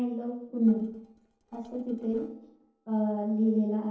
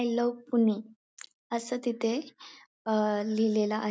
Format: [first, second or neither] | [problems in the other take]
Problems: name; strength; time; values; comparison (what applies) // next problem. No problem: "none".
second | noise reduction (neural separator model SepFormer DNS4)